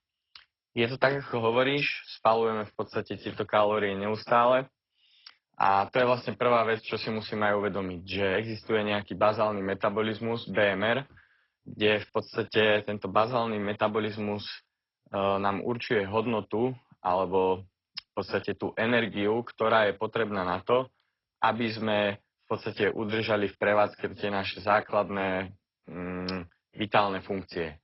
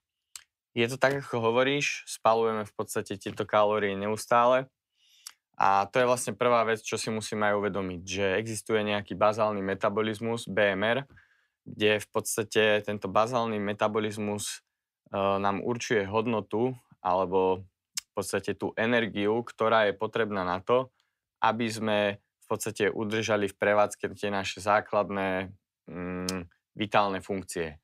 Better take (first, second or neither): second